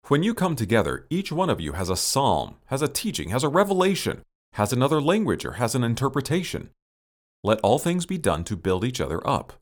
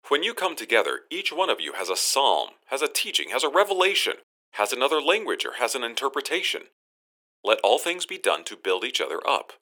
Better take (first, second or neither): first